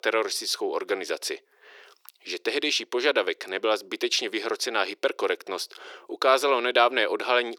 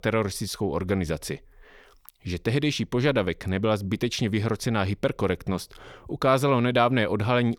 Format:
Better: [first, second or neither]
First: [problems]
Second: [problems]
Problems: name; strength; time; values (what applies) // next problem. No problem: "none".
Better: second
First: thin; very; fading below 350 Hz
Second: none